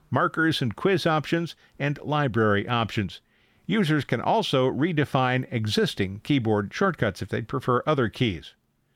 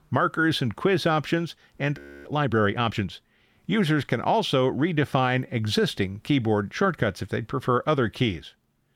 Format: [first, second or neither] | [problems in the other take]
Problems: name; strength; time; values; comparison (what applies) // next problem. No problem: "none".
first | audio freezing; at 2 s